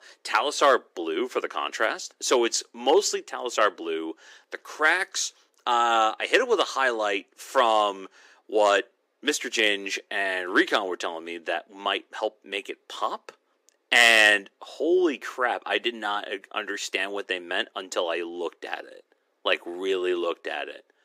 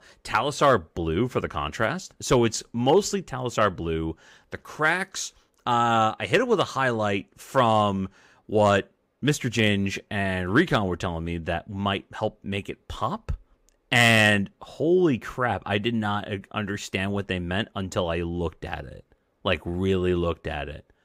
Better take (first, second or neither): second